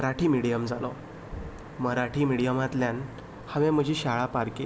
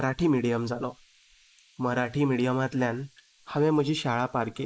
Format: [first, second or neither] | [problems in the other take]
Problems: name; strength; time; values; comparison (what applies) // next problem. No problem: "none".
first | noise reduction (neural mask model Resemble Enhance denoiser)